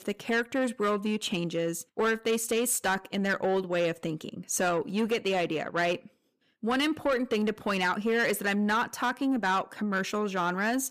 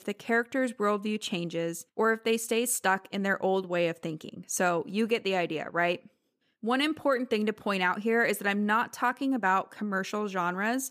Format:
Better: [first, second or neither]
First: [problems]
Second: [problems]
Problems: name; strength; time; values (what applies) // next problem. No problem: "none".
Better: second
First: distortion; slight; 10 dB below the speech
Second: none